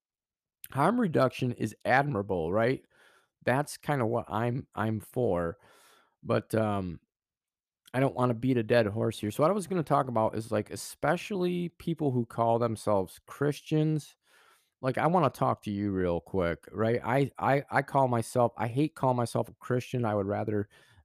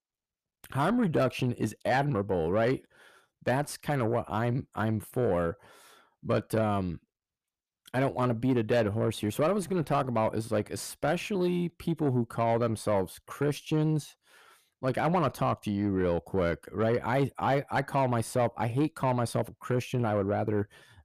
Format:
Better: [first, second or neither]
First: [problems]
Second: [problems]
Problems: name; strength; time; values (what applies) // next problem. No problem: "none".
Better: first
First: none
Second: distortion; slight; 10 dB below the speech